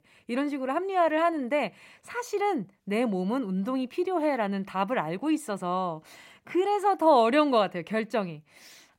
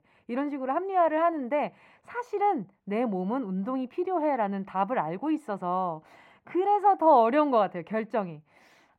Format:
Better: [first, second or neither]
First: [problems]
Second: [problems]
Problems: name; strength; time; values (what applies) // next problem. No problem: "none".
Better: first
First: none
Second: muffled; very; fading above 3 kHz